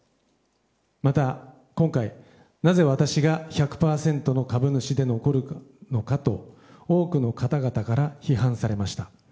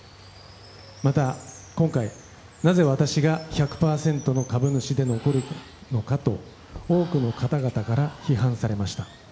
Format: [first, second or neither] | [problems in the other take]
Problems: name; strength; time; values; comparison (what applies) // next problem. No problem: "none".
first | background sound (Water + Knock); 20 dB below the speech